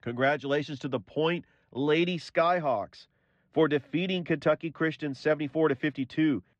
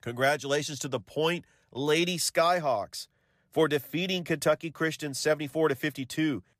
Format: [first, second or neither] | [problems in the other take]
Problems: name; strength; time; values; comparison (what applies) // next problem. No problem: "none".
second | muffled; slightly; fading above 3.5 kHz